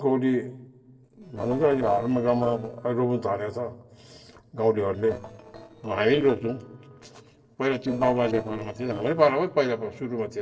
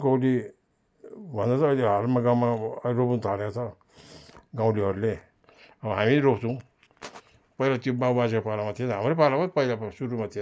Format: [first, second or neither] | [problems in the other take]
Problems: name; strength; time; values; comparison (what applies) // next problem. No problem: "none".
second | noise reduction (neural separator model SepFormer DNS4)